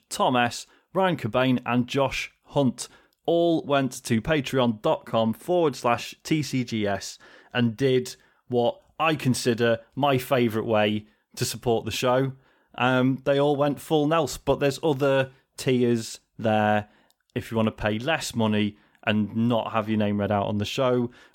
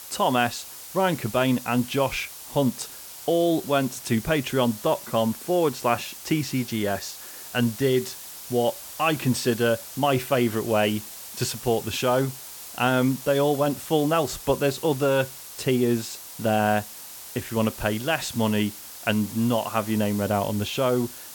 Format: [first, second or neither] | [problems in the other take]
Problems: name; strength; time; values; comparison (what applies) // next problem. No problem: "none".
first | hiss; noticeable; throughout; 15 dB below the speech